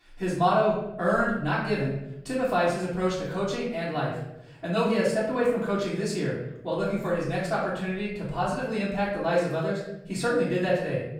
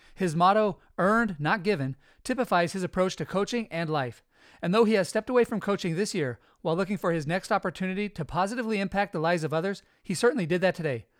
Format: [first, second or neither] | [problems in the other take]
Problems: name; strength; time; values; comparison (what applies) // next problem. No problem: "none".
second | off-mic speech; far // room echo; noticeable; dies away in 0.8 s